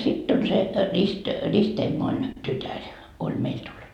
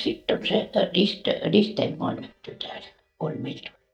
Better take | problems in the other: first | noise reduction (neural mask model DeepFilterNet 3)

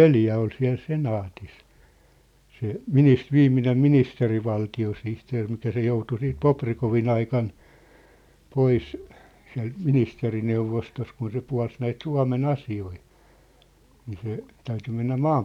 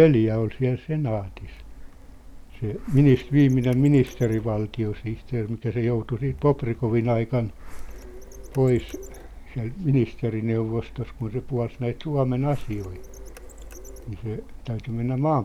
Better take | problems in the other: first | background sound (Printer); 15 dB below the speech

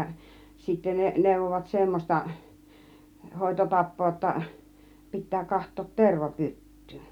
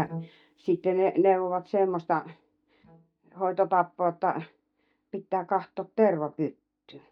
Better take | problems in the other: first | noise reduction (neural mask model DeepFilterNet 3)

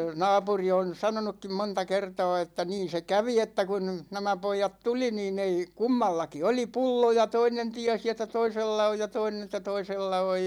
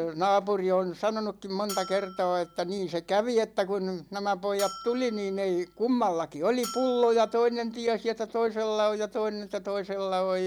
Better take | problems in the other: first | background sound (Bell); 17 dB below the speech

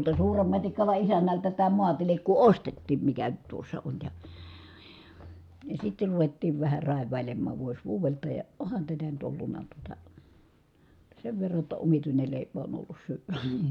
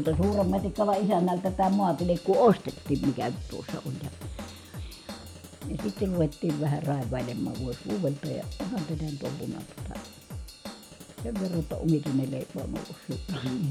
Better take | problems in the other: first | background sound (Drum / Drum kit); 12 dB below the speech

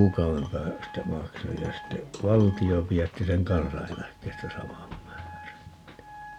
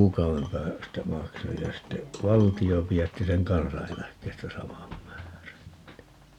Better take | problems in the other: second | background sound (Wind instrument, woodwind instrument); 20 dB below the speech

